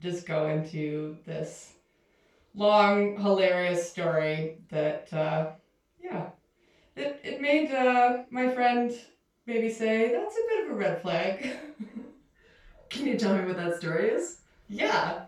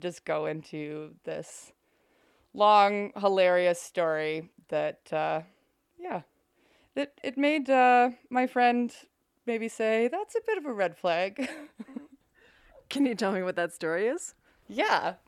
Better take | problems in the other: second | room echo; noticeable; dies away in 0.3 s // off-mic speech; far

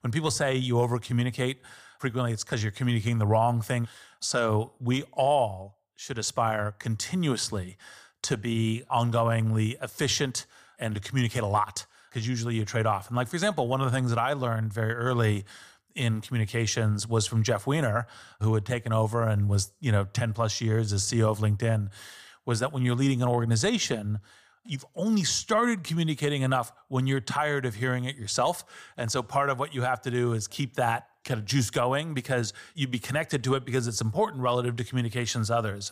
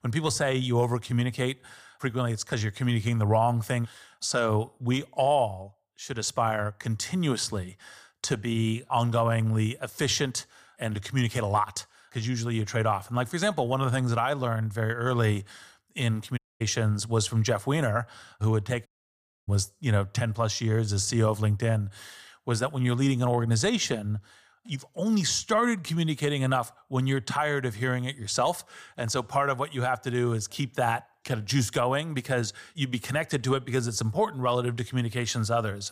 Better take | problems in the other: first | audio cutting out; at 16 s and at 19 s for 0.5 s

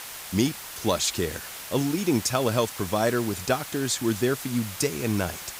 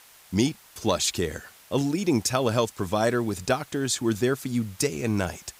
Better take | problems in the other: second | hiss; loud; throughout; 10 dB below the speech; faint in the second

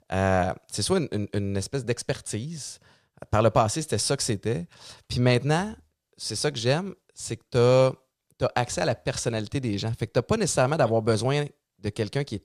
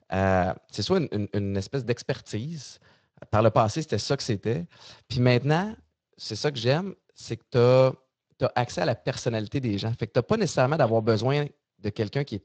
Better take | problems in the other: first | garbled, watery; slightly; nothing above 7.5 kHz

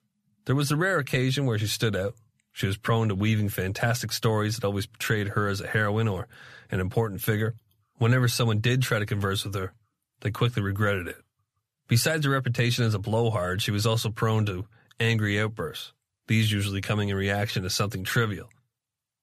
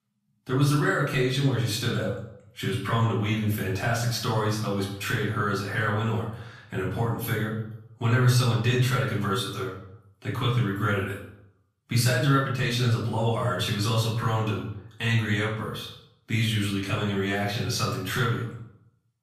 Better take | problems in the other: first | room echo; noticeable; dies away in 0.6 s // off-mic speech; far

